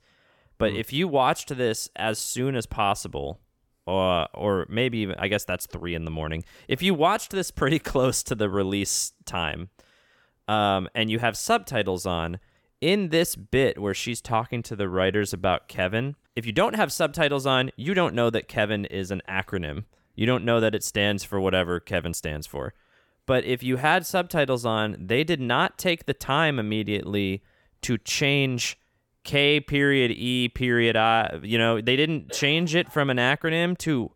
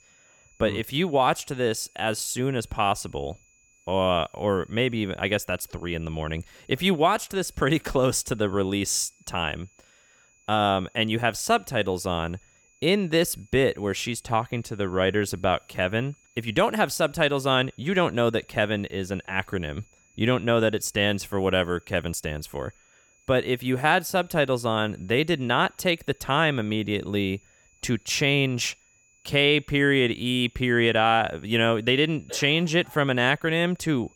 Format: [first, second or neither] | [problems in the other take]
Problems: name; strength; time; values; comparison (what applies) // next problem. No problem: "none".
first | high-pitched whine; faint; throughout; 2.5 kHz, 35 dB below the speech